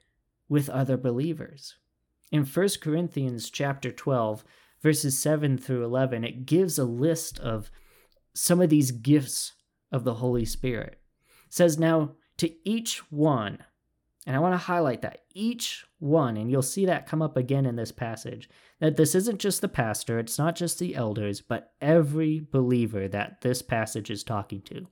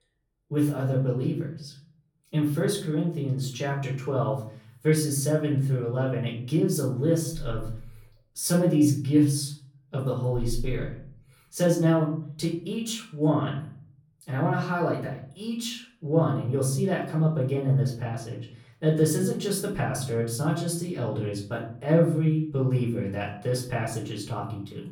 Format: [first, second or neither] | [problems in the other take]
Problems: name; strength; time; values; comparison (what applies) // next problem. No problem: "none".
first | off-mic speech; far // room echo; slight; dies away in 0.6 s